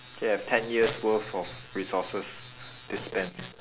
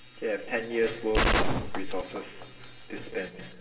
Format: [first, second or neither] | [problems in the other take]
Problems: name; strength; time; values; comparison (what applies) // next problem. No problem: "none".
first | background sound (Gunshot, gunfire); 4 dB above the speech // room echo; dies away in 2.2 s